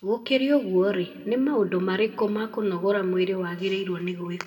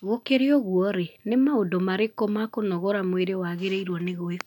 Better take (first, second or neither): second